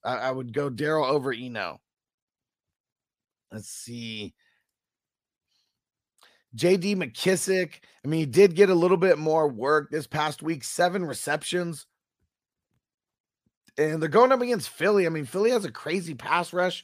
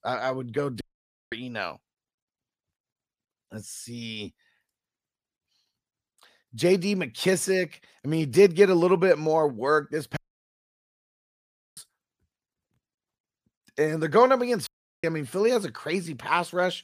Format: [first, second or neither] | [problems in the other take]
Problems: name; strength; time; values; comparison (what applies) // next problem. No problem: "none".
first | audio cutting out; at 1 s for 0.5 s, at 10 s for 1.5 s and at 15 s